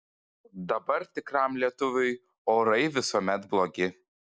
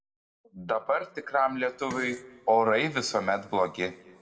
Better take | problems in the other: first | background sound (Fart); 18 dB below the speech // room echo; dies away in 1.2 s

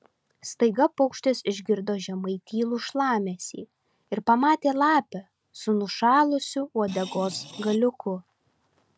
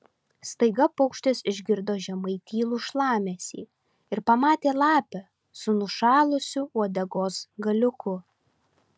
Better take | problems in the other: second | background sound (Screech); 16 dB below the speech

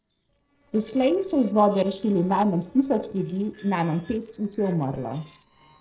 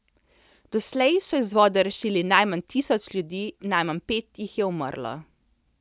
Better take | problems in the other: second | noise reduction (neural separator model SepFormer DNS4)

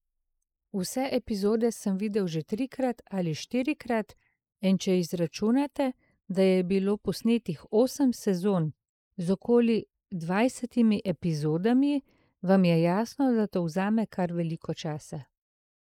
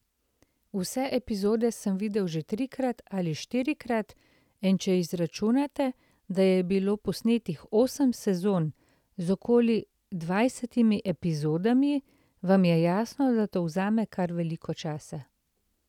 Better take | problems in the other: second | noise reduction (neural mask model Resemble Enhance denoiser)

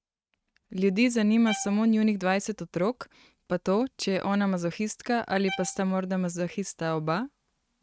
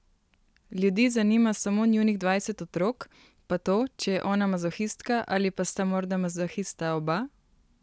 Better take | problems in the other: second | noise reduction (neural mask model RNNoise)

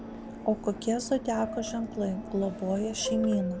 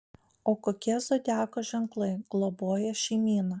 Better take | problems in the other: second | background sound (Subway, metro, underground); 8 dB below the speech

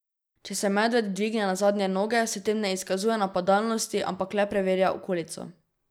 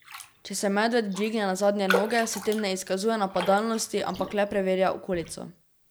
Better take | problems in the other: first | background sound (Raindrop); 10 dB below the speech

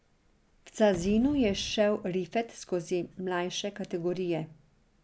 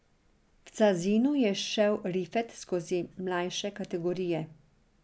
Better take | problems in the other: second | background sound (Gunshot, gunfire / Boom); 17 dB below the speech

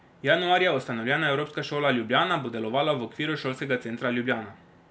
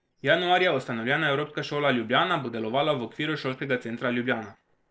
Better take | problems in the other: first | noise reduction (neural separator model SepFormer DNS4)

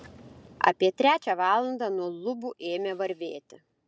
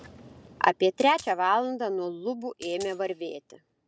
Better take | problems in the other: first | background sound (Coin (dropping)); 19 dB below the speech

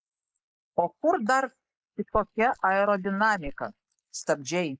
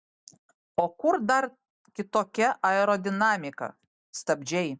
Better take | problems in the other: second | noise reduction (neural mask model Resemble Enhance denoiser)

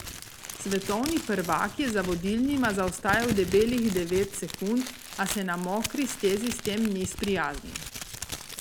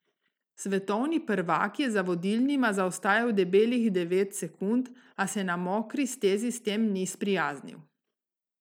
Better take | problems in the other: second | background sound (Crumpling, crinkling); 10 dB below the speech

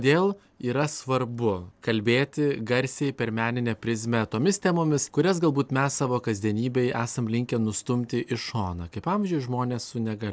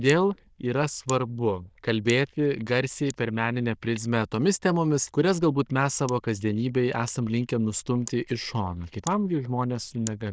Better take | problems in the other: first | noise reduction (neural diffusion model UNIVERSE++)

